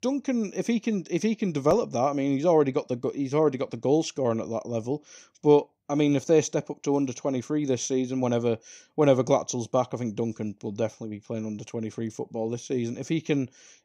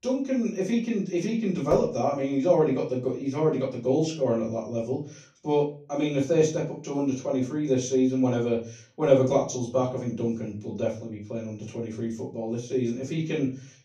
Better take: first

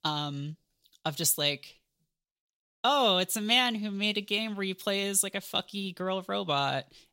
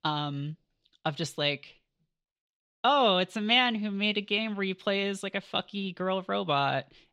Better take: first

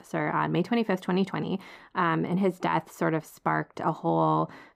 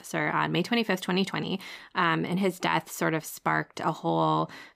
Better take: second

